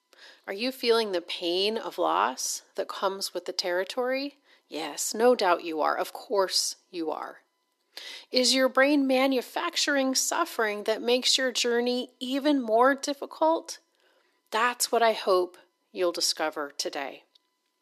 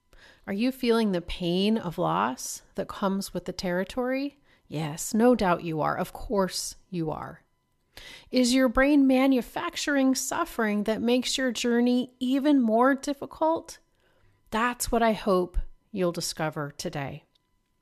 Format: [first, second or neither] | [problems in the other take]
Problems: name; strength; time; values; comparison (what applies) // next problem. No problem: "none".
second | thin; somewhat; fading below 300 Hz